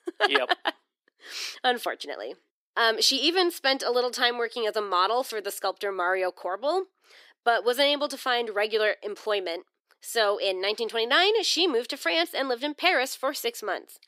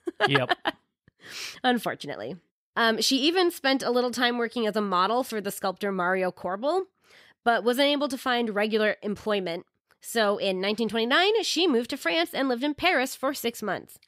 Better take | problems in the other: second | thin; somewhat; fading below 300 Hz

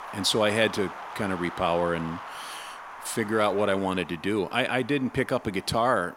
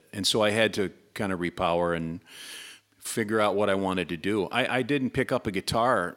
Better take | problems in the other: second | wind noise on the microphone; occasional gusts; 10 dB below the speech

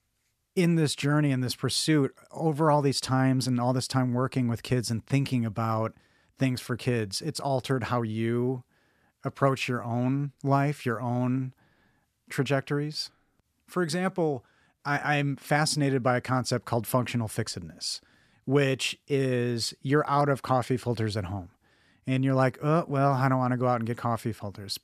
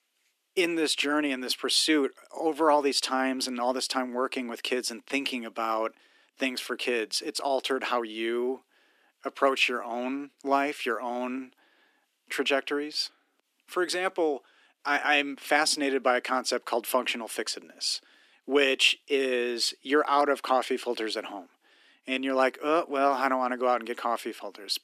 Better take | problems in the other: first | thin; somewhat; fading below 300 Hz

